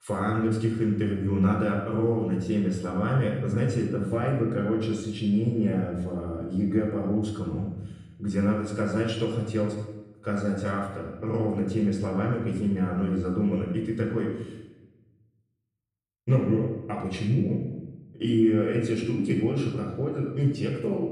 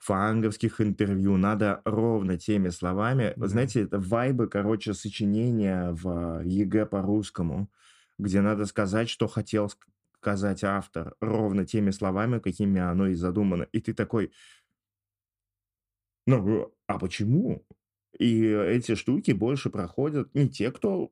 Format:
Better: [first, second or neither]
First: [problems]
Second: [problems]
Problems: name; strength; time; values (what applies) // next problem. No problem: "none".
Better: second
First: off-mic speech; far // room echo; noticeable; dies away in 0.9 s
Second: none